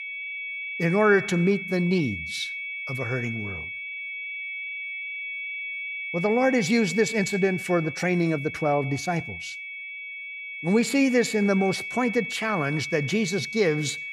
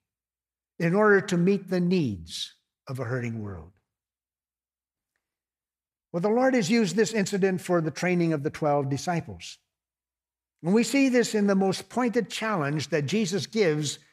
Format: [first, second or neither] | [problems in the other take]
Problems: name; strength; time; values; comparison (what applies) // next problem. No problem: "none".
second | high-pitched whine; loud; throughout; 2.5 kHz, 7 dB below the speech